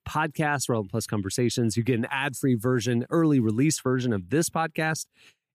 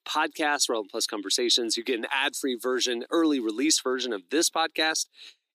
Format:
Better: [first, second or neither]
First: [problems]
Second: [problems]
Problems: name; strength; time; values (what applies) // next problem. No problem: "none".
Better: first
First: none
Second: thin; somewhat; fading below 300 Hz